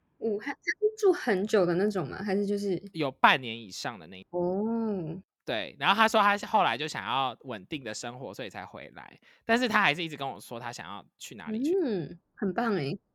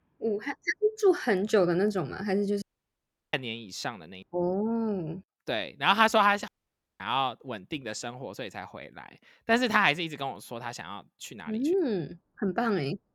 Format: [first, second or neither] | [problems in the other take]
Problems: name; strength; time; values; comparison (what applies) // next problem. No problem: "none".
first | audio cutting out; at 2.5 s for 0.5 s and at 6.5 s for 0.5 s